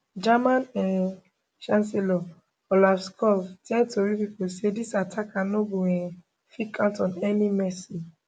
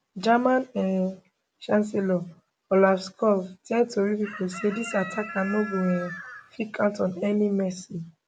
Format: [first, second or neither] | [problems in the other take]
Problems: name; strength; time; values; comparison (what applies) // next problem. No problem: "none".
first | background sound (Chicken, rooster); 12 dB below the speech